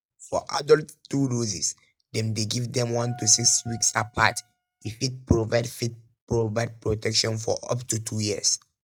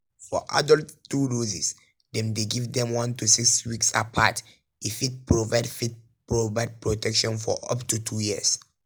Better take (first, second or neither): second